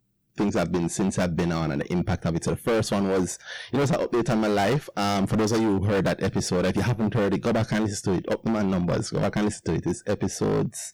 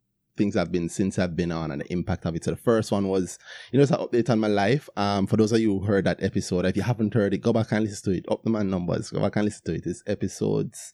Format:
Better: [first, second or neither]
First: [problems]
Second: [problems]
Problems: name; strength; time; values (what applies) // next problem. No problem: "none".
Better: second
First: distortion; heavy; 22% of the sound clipped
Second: none